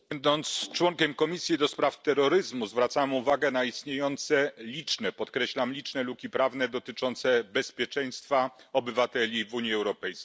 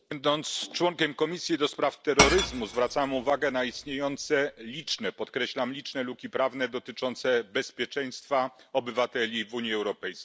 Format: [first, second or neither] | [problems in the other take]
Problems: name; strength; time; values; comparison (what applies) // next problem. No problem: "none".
first | background sound (Shatter / Crushing); 2 dB below the speech